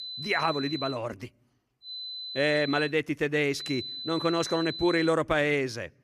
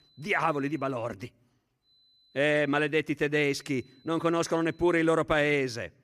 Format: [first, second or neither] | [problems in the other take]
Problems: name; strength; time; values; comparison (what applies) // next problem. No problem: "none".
second | high-pitched whine; loud; at the start, from 2 to 3 s and from 3.5 to 5 s; 4 kHz, 8 dB below the speech; faint in the second